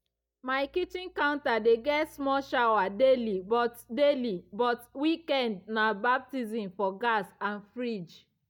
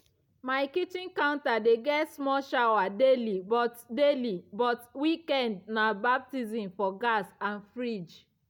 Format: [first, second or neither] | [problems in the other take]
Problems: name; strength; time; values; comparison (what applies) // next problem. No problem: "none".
second | noise reduction (neural mask model DeepFilterNet 3)